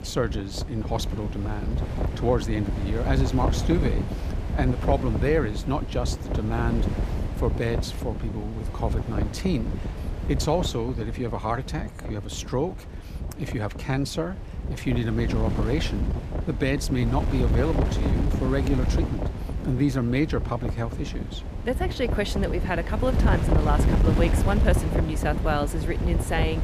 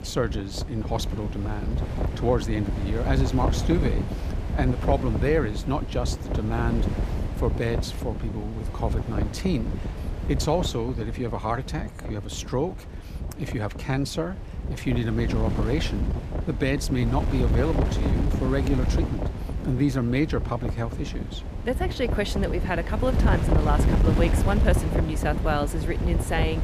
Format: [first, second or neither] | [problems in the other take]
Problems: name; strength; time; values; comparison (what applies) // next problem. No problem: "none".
neither | wind noise on the microphone; heavy; 6 dB below the speech; the same in both